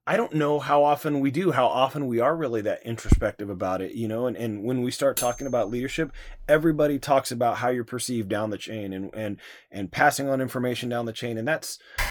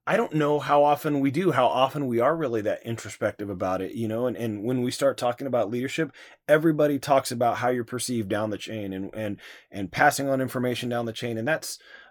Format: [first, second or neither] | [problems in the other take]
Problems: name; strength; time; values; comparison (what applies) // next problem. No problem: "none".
second | footsteps; loud; at 3 s; peak level with the speech // clattering dishes; noticeable; from 5 to 7 s; peak 5 dB below the speech // keyboard typing; noticeable; at 12 s; peak 5 dB below the speech